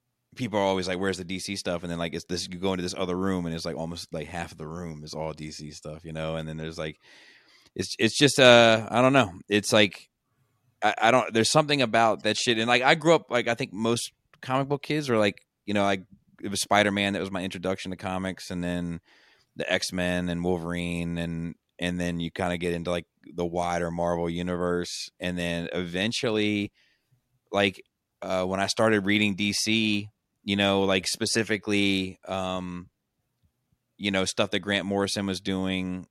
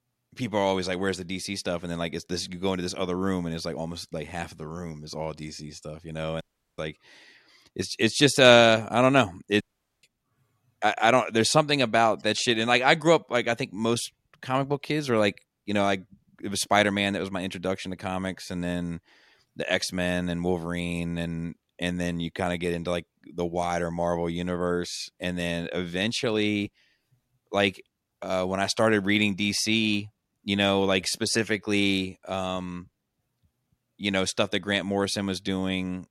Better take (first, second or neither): first